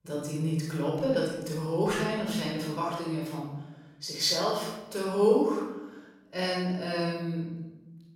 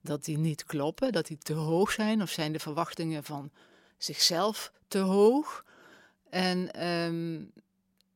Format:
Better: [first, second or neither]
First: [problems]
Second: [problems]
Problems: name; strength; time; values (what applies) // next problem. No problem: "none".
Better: second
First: off-mic speech; far // room echo; noticeable; dies away in 1 s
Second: none